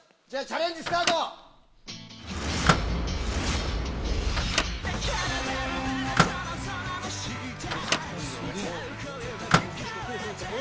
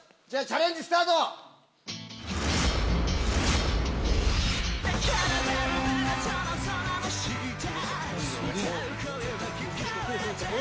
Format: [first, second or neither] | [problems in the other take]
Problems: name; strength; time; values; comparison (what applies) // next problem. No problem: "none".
second | background sound (Microwave oven); 3 dB below the speech